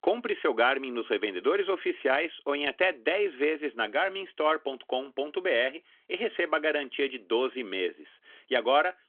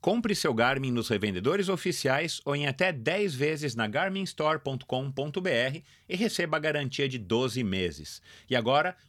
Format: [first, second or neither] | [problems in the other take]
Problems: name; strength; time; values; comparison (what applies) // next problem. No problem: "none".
second | phone-call audio; nothing above 3.5 kHz